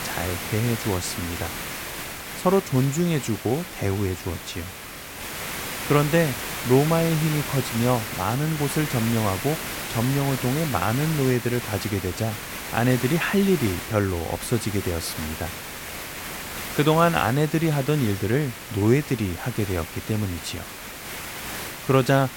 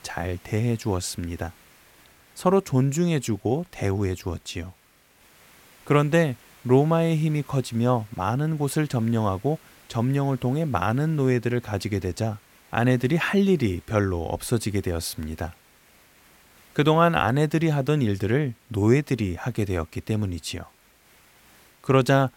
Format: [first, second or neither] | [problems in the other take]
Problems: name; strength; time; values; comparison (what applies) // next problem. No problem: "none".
second | hiss; loud; throughout; 7 dB below the speech; faint in the second